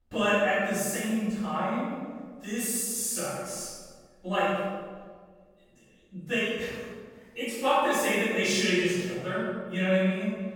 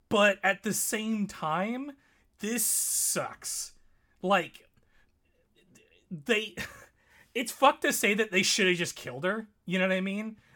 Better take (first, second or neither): second